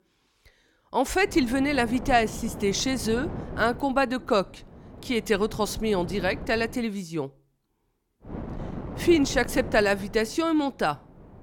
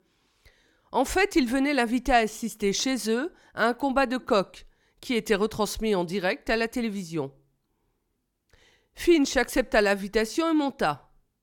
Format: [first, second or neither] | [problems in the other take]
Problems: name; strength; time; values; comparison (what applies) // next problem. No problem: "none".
second | wind noise on the microphone; occasional gusts; from 1.5 to 7 s and from 8.5 s on; 15 dB below the speech